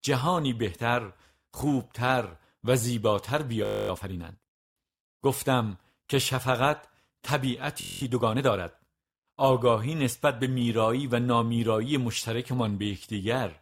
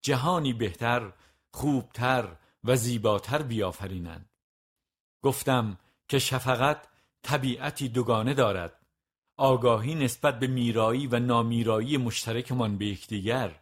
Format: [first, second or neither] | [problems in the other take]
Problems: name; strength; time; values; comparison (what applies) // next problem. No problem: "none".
second | audio freezing; at 3.5 s and at 8 s